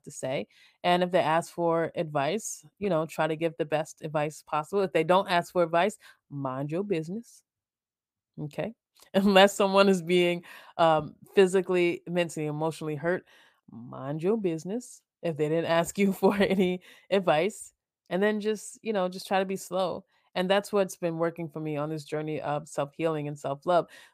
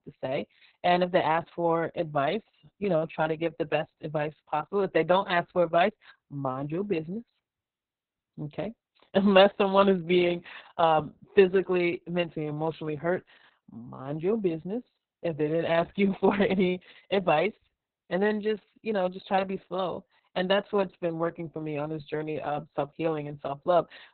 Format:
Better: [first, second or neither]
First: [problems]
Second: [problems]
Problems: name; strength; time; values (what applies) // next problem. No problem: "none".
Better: first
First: none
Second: garbled, watery; badly; nothing above 4 kHz